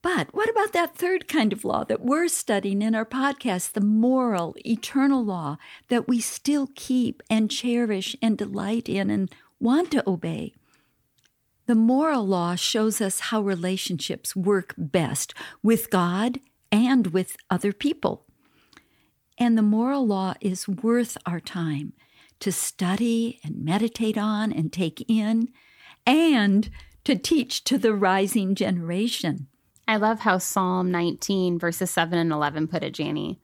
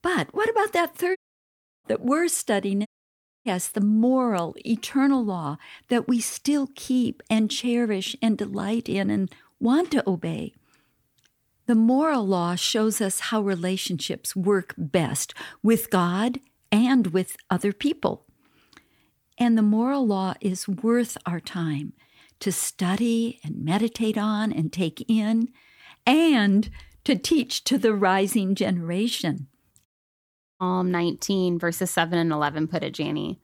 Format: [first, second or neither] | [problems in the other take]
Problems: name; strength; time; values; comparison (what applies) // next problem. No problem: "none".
first | audio cutting out; at 1 s for 0.5 s, at 3 s for 0.5 s and at 30 s for 0.5 s